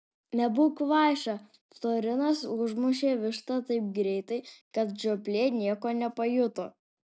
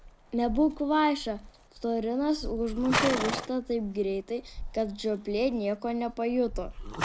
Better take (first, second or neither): first